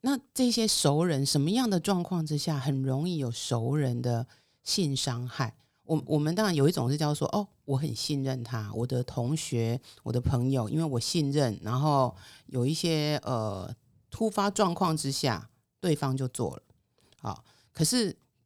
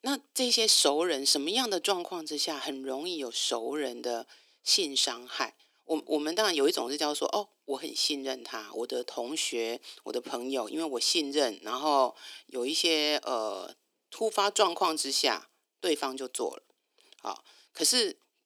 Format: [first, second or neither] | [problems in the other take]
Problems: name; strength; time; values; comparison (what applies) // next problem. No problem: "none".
first | thin; somewhat; fading below 300 Hz